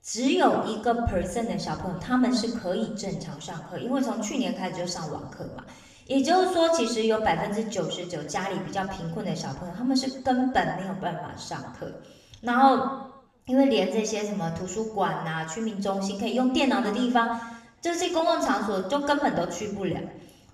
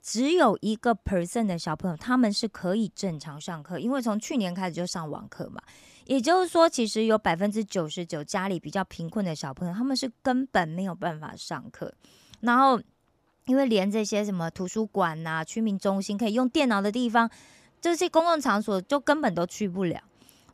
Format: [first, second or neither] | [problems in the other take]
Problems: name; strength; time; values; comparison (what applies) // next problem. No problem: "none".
second | room echo; slight; dies away in 0.8 s // off-mic speech; somewhat distant